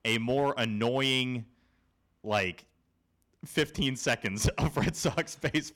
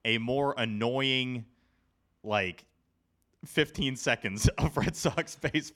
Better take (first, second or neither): second